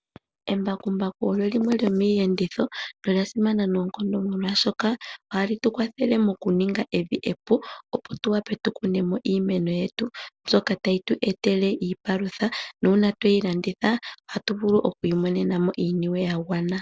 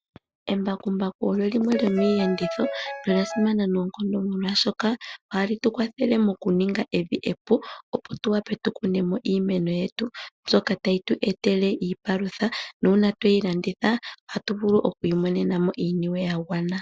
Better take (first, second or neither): first